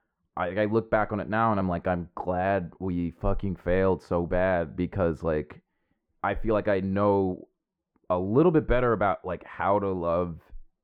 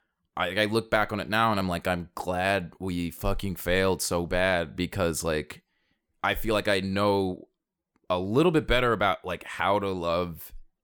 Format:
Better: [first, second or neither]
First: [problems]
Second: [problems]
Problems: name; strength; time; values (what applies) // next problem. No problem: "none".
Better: second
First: muffled; very; fading above 3.5 kHz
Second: none